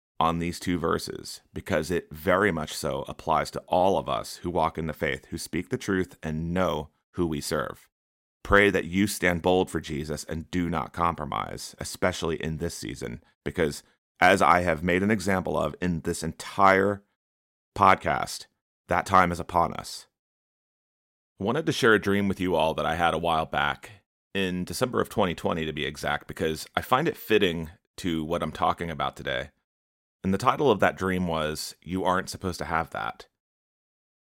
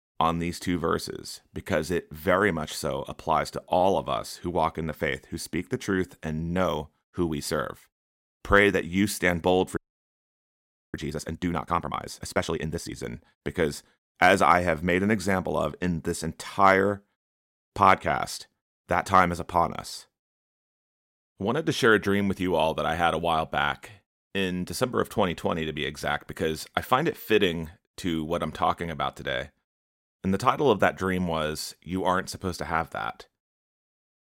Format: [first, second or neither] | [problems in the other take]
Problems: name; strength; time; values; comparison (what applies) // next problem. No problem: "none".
first | audio freezing; at 10 s for 1 s